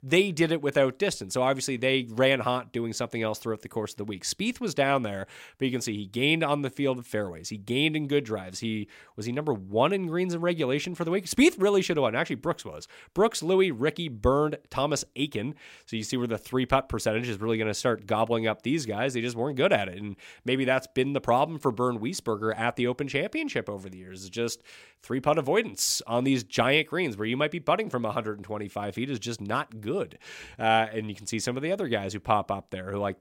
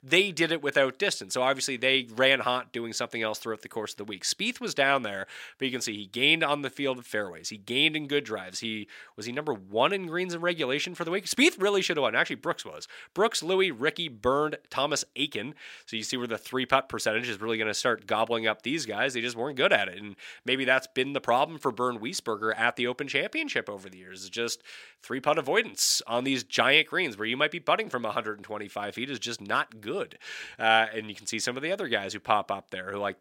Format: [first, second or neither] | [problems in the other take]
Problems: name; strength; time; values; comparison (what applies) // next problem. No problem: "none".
first | thin; very slightly; fading below 350 Hz